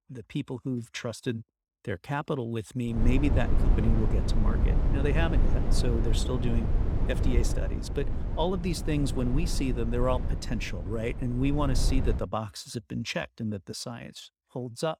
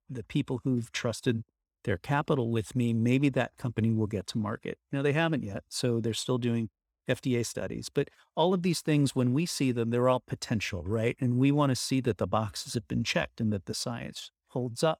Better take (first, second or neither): second